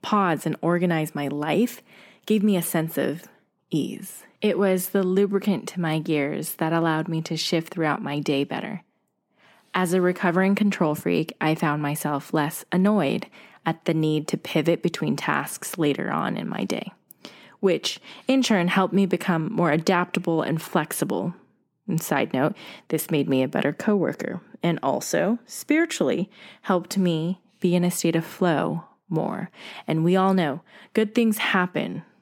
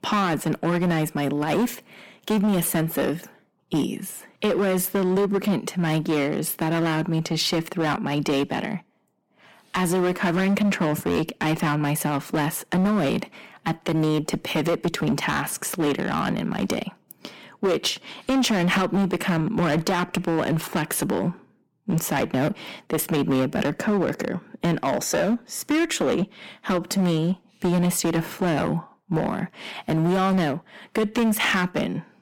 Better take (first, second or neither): first